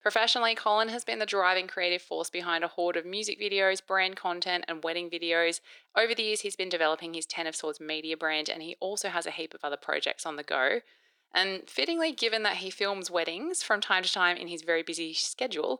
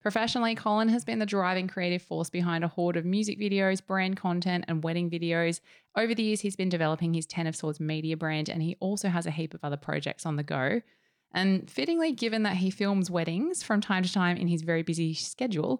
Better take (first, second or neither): second